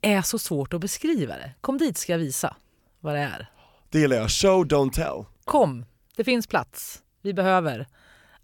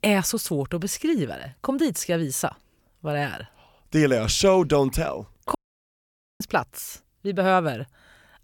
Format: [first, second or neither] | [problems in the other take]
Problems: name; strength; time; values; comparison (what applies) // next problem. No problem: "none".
first | audio cutting out; at 5.5 s for 1 s